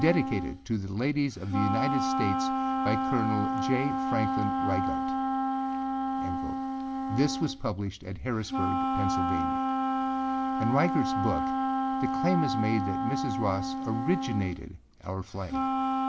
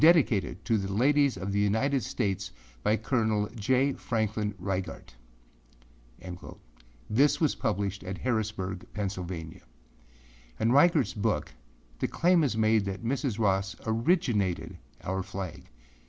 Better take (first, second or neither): second